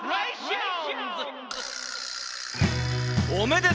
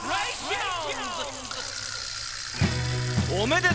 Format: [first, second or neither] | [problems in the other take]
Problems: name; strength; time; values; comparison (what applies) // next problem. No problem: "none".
first | background sound (Sink (filling or washing) / Water); 11 dB below the speech